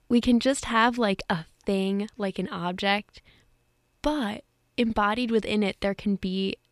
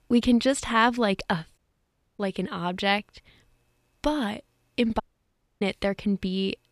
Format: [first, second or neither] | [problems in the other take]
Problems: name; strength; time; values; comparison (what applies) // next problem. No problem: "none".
first | audio cutting out; at 1.5 s for 0.5 s and at 5 s for 0.5 s